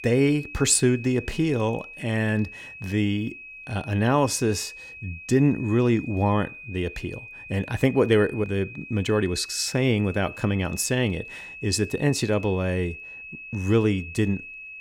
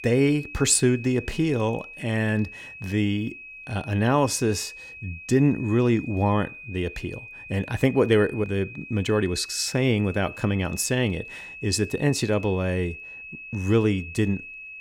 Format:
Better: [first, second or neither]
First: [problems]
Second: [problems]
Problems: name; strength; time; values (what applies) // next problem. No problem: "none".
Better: neither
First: high-pitched whine; noticeable; throughout; 2.5 kHz, 15 dB below the speech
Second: high-pitched whine; noticeable; throughout; 2.5 kHz, 15 dB below the speech